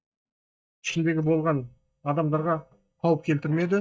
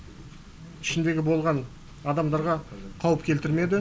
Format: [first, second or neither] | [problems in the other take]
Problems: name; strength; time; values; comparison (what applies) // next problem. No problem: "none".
second | noise reduction (neural mask model DeepFilterNet 3)